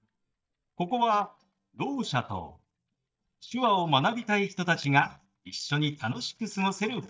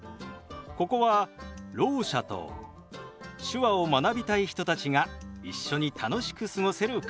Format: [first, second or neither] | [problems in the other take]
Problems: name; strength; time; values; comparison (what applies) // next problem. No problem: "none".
second | noise reduction (neural mask model DeepFilterNet 3)